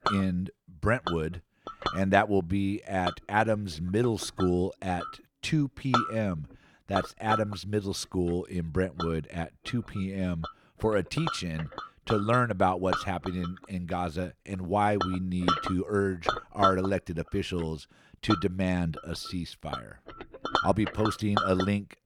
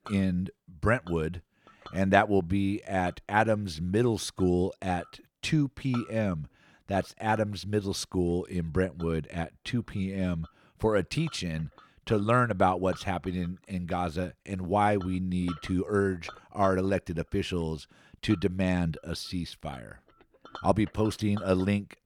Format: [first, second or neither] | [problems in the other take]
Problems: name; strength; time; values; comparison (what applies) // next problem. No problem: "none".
second | household noises; loud; throughout; 4 dB below the speech; faint in the second